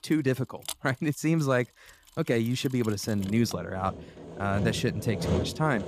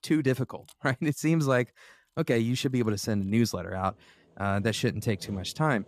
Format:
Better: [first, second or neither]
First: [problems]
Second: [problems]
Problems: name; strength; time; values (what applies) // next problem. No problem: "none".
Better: second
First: machinery noise; loud; throughout; 7 dB below the speech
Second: machinery noise; faint; throughout; 25 dB below the speech